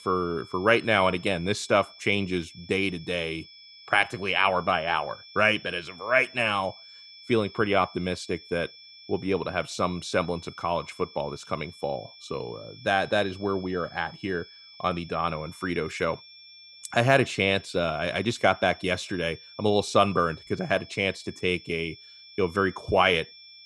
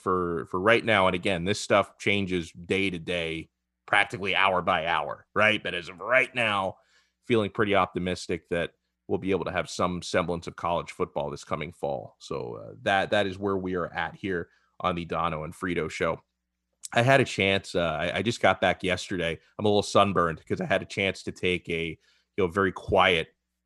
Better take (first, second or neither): second